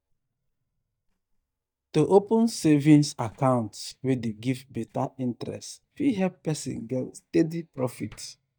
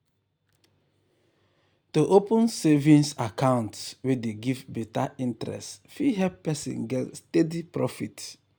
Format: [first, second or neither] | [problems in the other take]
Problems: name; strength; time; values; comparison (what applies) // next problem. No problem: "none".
second | noise reduction (neural mask model DeepFilterNet 3)